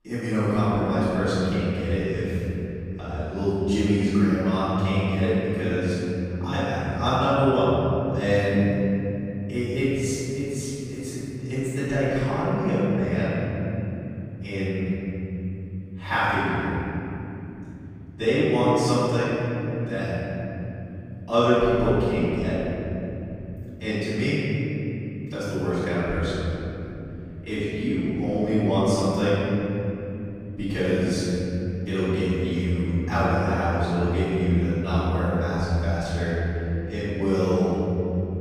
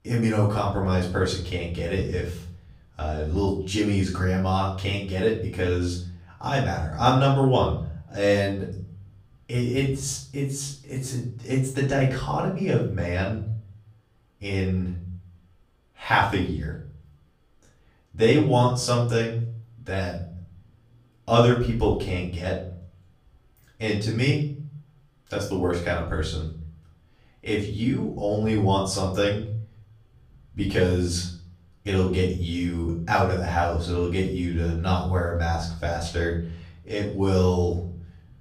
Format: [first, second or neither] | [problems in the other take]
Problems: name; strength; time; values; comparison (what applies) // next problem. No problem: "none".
second | room echo; strong; dies away in 3 s; slight in the second // off-mic speech; far; far in the second